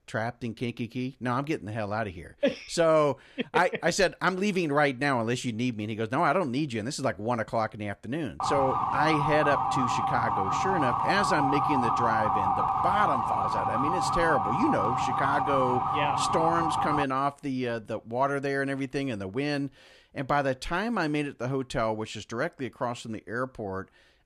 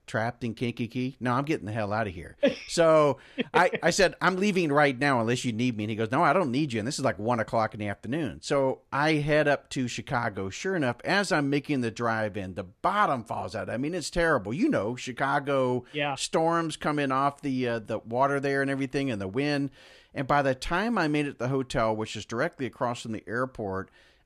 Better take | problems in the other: second | siren; loud; from 8.5 to 17 s; peak 3 dB above the speech

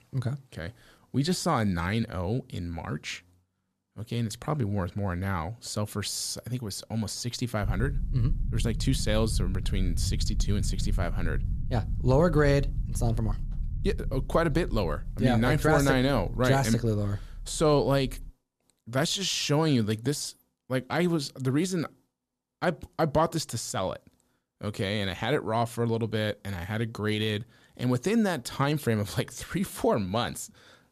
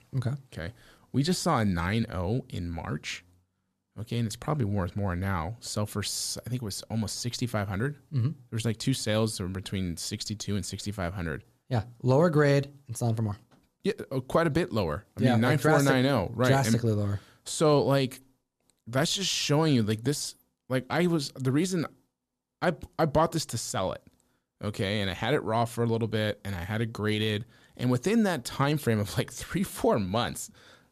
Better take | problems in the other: second | low rumble; noticeable; from 7.5 to 18 s; 20 dB below the speech

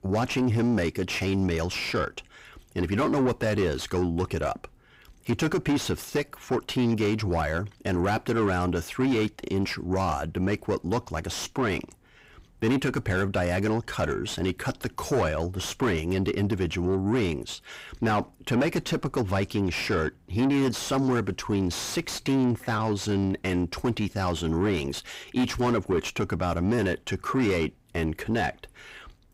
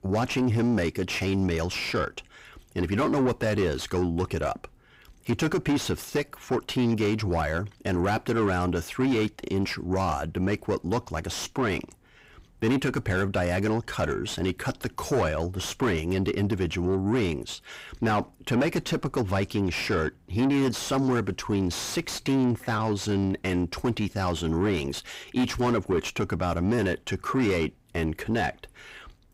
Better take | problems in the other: neither | distortion; heavy; 7 dB below the speech; the same in both

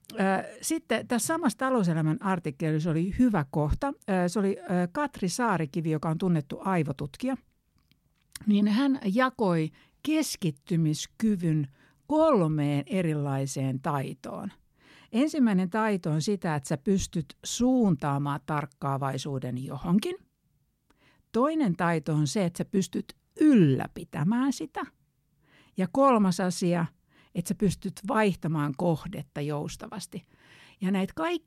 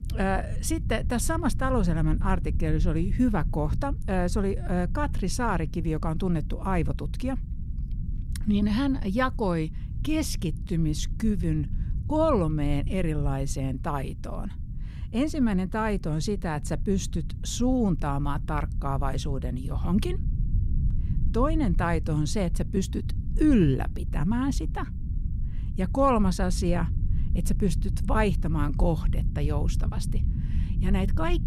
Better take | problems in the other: first | low rumble; noticeable; throughout; 15 dB below the speech

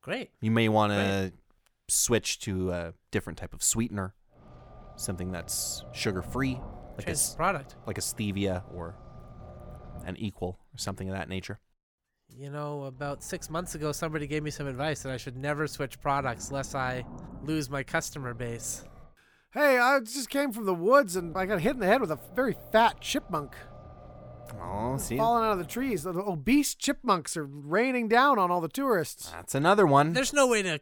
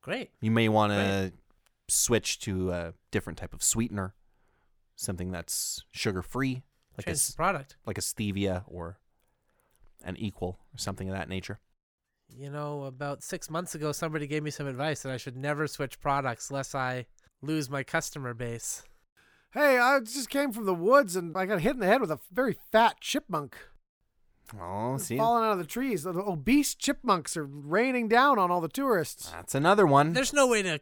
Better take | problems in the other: second | low rumble; faint; from 4.5 to 10 s, from 13 to 19 s and from 21 to 26 s; 25 dB below the speech

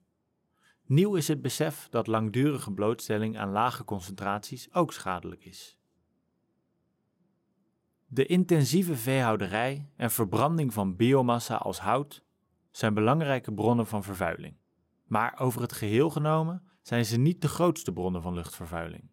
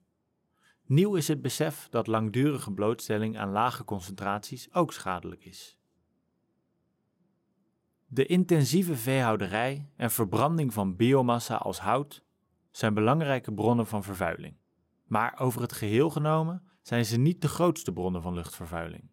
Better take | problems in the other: neither | none

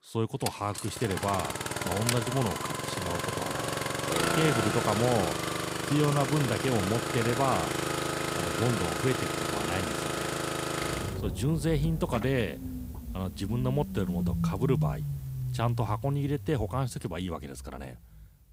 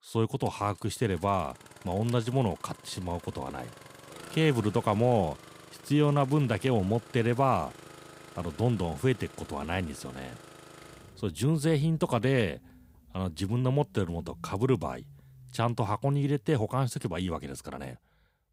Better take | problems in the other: second | traffic noise; loud; throughout; 1 dB below the speech; faint in the second

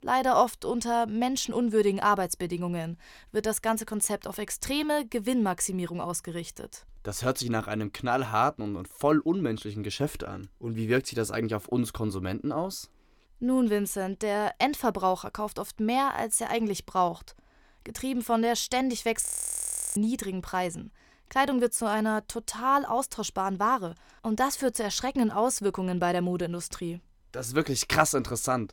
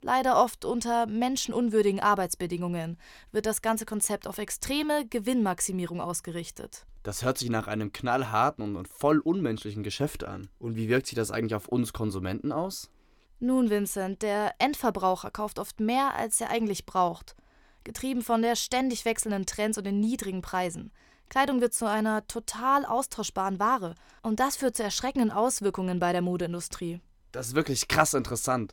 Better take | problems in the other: second | audio freezing; at 19 s for 0.5 s

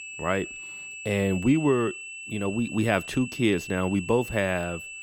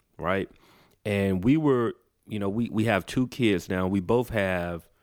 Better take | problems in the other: second | high-pitched whine; noticeable; throughout; 2.5 kHz, 10 dB below the speech

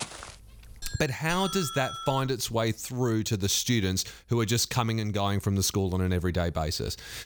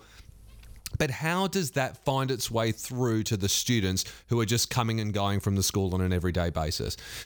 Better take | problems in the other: second | footsteps; faint; at the start; peak 10 dB below the speech // doorbell; noticeable; from 1 to 2.5 s; peak 7 dB below the speech

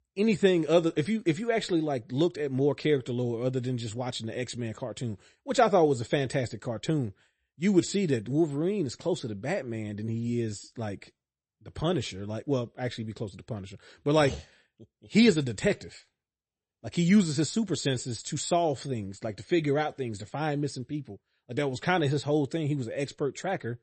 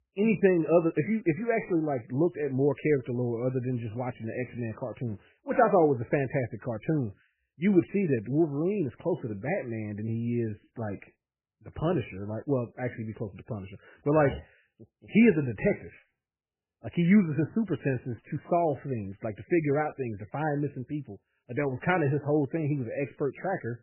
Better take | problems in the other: first | garbled, watery; badly; nothing above 2.5 kHz; slightly in the first

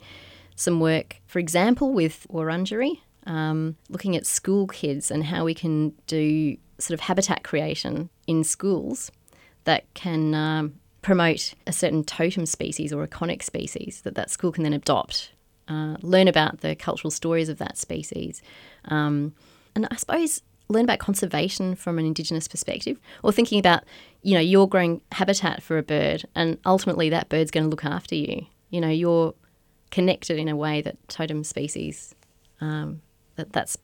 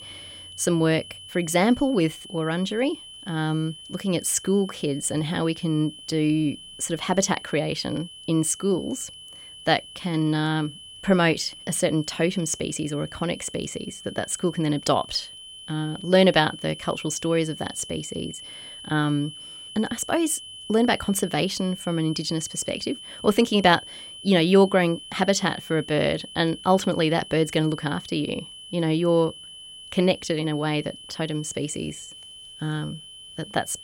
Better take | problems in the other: first | high-pitched whine; noticeable; throughout; 3 kHz, 15 dB below the speech

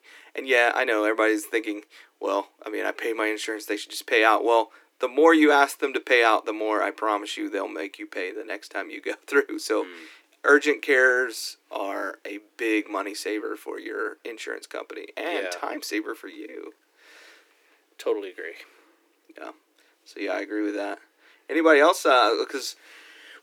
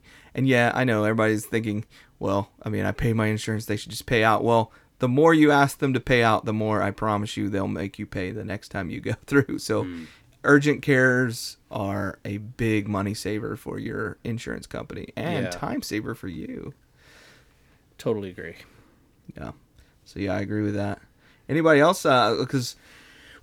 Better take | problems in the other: second | thin; somewhat; fading below 300 Hz

